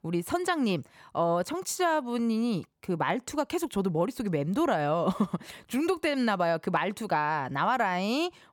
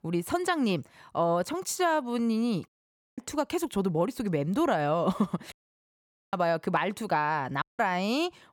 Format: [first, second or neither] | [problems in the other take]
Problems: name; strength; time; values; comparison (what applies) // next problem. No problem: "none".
first | audio cutting out; at 2.5 s for 0.5 s, at 5.5 s for 1 s and at 7.5 s